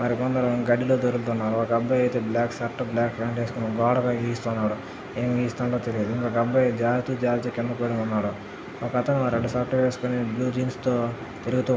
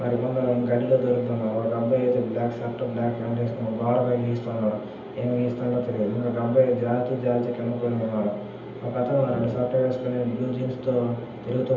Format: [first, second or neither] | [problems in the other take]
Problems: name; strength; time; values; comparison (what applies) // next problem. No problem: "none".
first | room echo; dies away in 0.7 s